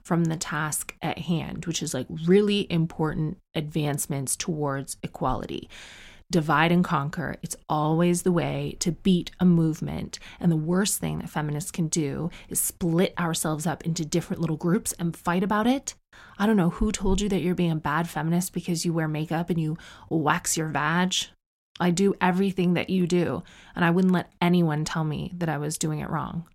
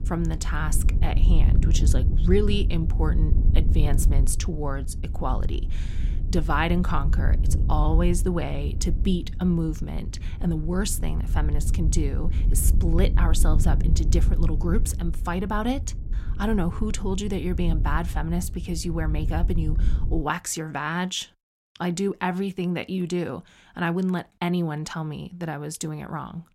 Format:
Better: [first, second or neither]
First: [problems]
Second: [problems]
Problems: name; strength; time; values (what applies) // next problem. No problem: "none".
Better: first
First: none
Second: wind noise on the microphone; occasional gusts; until 20 s; 10 dB below the speech